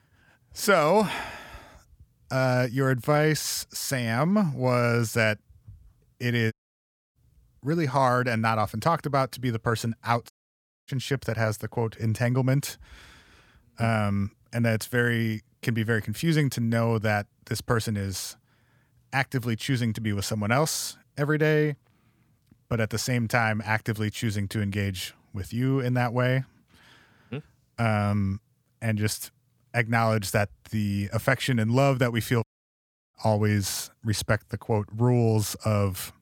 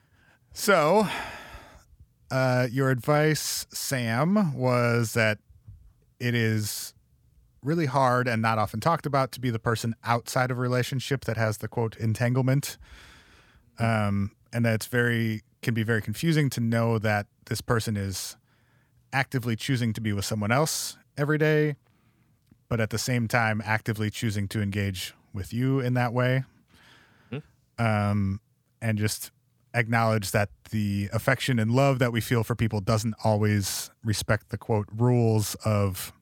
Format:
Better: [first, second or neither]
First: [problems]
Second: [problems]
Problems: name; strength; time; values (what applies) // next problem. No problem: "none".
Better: second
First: audio cutting out; at 6.5 s for 0.5 s, at 10 s for 0.5 s and at 32 s for 0.5 s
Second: none